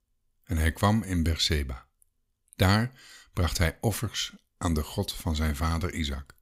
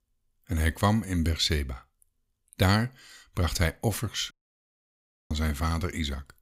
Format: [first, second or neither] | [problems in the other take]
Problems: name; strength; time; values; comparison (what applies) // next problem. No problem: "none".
first | audio cutting out; at 4.5 s for 1 s